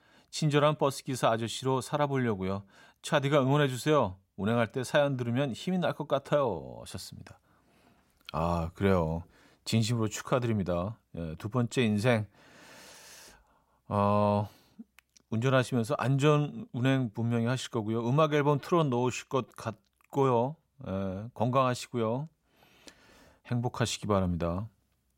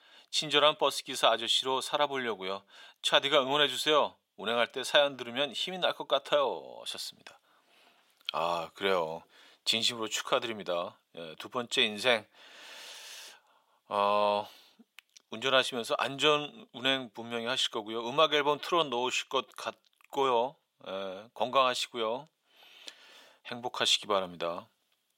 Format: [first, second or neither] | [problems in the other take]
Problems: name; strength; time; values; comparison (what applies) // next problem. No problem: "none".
first | thin; somewhat; fading below 450 Hz